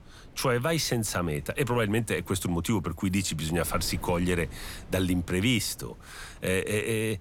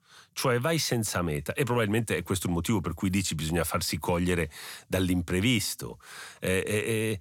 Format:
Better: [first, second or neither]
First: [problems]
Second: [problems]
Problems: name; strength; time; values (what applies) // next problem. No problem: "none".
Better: second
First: wind noise on the microphone; occasional gusts; 25 dB below the speech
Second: none